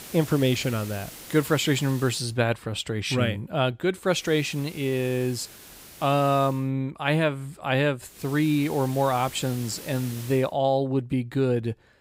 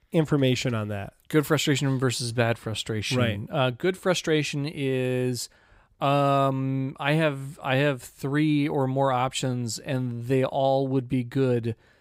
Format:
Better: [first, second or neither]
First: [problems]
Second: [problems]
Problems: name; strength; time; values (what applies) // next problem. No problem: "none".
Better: second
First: hiss; noticeable; until 2 s, from 4 to 6.5 s and from 8 to 10 s; 15 dB below the speech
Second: none